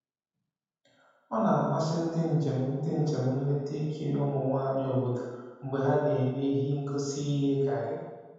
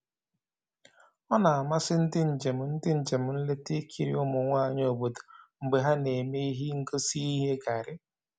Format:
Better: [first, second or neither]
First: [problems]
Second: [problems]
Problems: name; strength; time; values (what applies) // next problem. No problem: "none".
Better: second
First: room echo; dies away in 1.2 s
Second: none